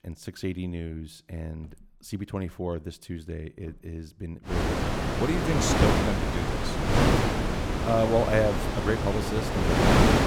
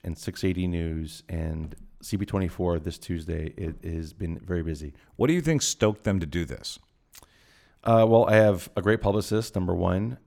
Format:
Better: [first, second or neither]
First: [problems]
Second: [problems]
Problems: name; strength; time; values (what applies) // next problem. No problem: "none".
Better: second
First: wind noise on the microphone; heavy; from 4.5 s on; 3 dB above the speech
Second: none